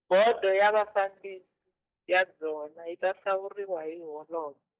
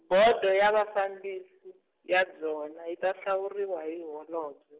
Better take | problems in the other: second | noise reduction (neural mask model DeepFilterNet 3)

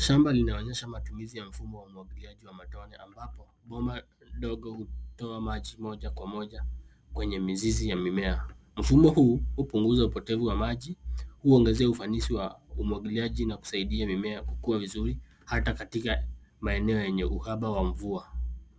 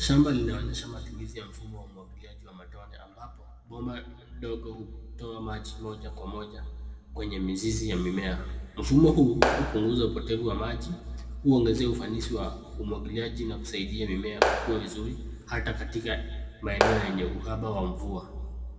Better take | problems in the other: first | background sound (Clapping); as loud as the speech // room echo; dies away in 1.5 s

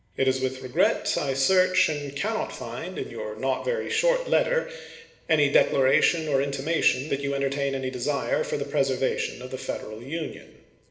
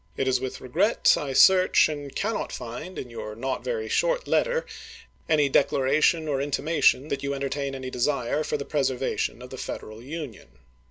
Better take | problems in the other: second | room echo; dies away in 1.1 s

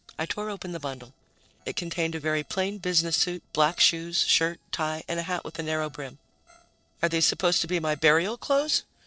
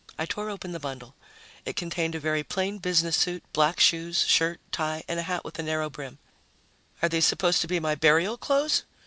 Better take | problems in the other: second | noise reduction (neural separator model SepFormer DNS4)

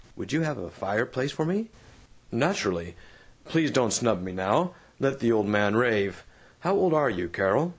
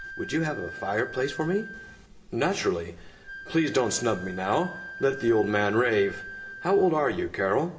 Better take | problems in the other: first | background sound (Wind instrument, woodwind instrument); 15 dB below the speech // room echo; dies away in 0.8 s

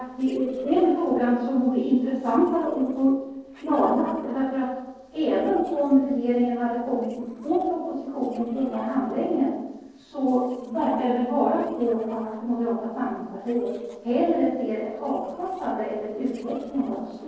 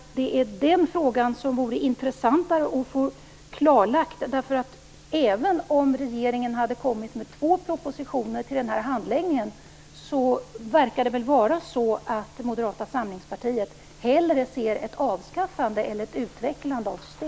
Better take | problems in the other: second | noise reduction (neural separator model SepFormer DNS4)

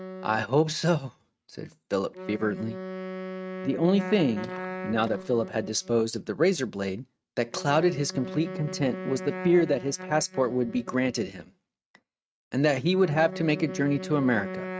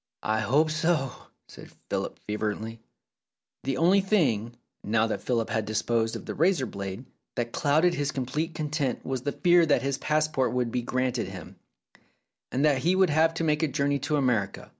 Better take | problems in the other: second | noise reduction (neural mask model RNNoise)

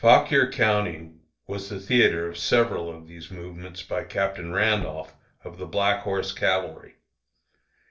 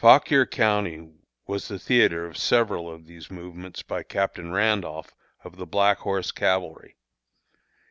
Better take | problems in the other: second | noise reduction (neural separator model SepFormer DNS4)

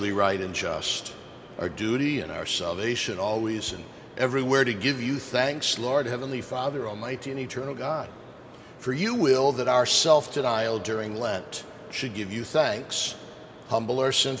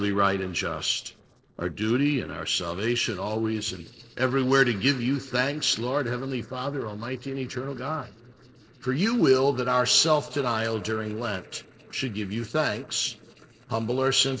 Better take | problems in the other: first | noise reduction (neural separator model SepFormer DNS4)

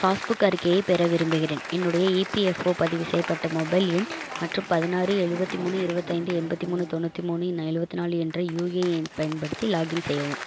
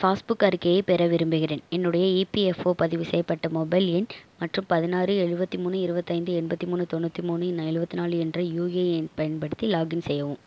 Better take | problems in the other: second | background sound (Applause / Crowd); 12 dB below the speech

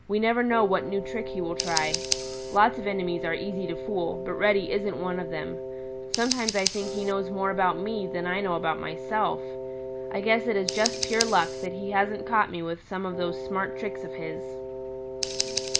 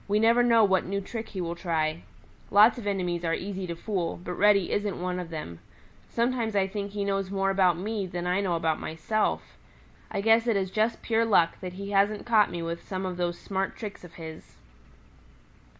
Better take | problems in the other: second | background sound (Scissors + Wind instrument, woodwind instrument); 5 dB below the speech

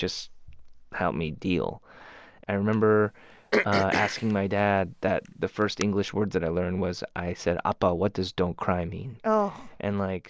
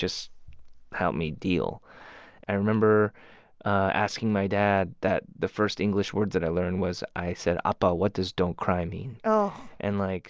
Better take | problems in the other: second | background sound (Cough); 6 dB below the speech

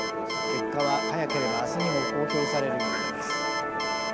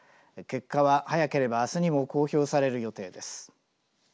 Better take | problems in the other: second | background sound (Alarm + Musical instrument); 3 dB above the speech

